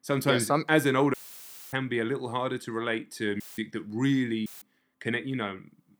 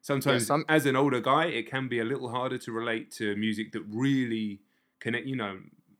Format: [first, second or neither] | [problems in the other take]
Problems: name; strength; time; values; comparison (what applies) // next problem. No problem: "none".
second | audio cutting out; filled with static; at 1 s for 0.5 s, at 3.5 s and at 4.5 s